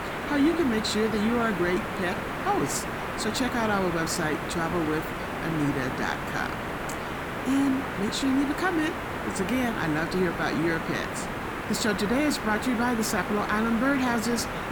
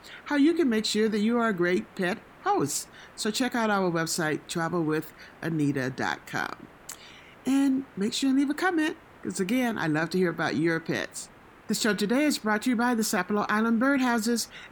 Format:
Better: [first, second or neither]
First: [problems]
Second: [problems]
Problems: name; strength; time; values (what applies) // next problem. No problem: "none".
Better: second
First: hiss; loud; throughout; 4 dB below the speech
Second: hiss; faint; throughout; 25 dB below the speech